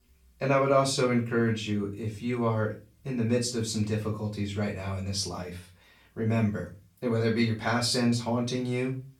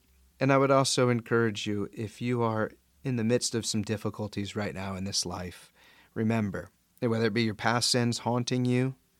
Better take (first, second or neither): second